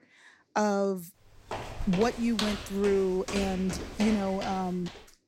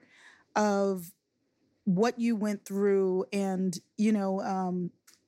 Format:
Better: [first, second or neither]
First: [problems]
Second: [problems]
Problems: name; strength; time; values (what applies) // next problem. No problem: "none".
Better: second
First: footsteps; noticeable; from 1.5 s on; peak 4 dB below the speech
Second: none